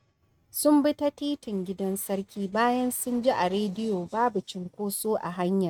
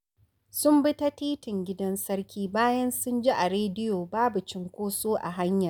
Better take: second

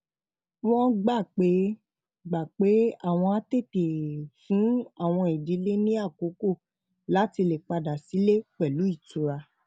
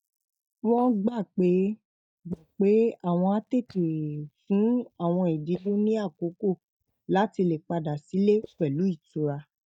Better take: first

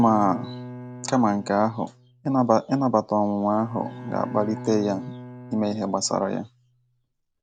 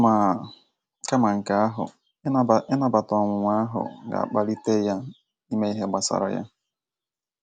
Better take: second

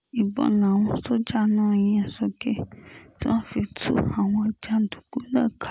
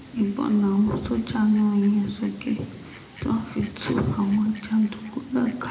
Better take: first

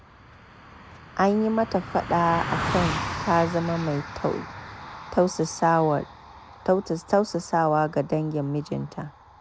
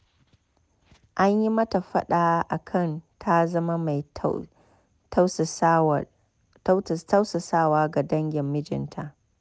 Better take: second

